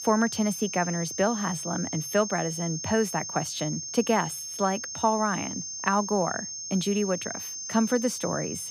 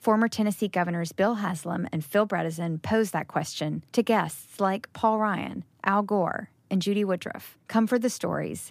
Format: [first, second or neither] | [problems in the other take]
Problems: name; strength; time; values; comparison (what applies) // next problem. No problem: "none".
second | high-pitched whine; loud; throughout; 6.5 kHz, 6 dB below the speech